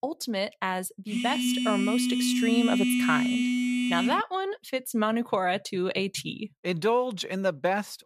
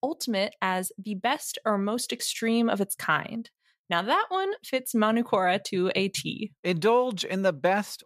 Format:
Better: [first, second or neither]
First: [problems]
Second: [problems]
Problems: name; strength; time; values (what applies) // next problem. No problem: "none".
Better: second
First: phone ringing; loud; from 1 to 4 s; peak 4 dB above the speech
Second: none